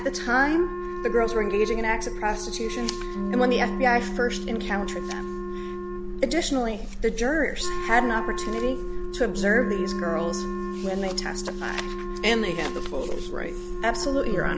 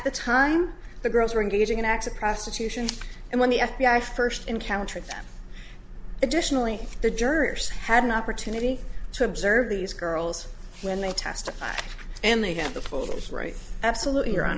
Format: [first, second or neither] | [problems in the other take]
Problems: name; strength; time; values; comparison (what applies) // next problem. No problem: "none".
second | background sound (Wind instrument, woodwind instrument + Bass guitar); 6 dB below the speech